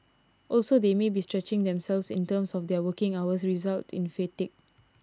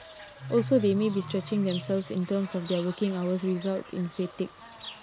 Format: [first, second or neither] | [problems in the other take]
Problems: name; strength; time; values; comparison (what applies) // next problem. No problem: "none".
first | background sound (Bird / Fowl); 13 dB below the speech